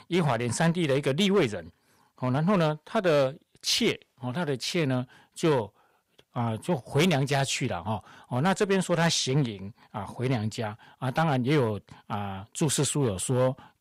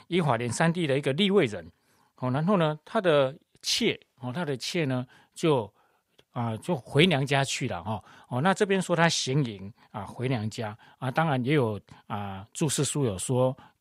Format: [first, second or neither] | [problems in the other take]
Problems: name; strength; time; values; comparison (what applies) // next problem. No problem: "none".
second | distortion; slight; 4% of the sound clipped